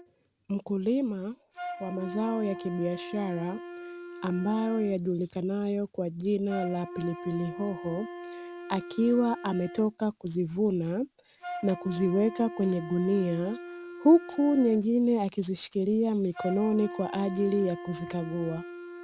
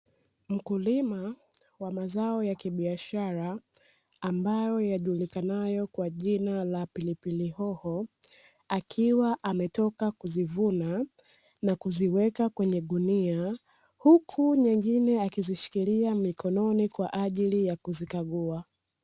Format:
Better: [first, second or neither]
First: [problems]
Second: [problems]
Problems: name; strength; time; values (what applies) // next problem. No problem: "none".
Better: second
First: background sound (Wind instrument, woodwind instrument); 13 dB below the speech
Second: none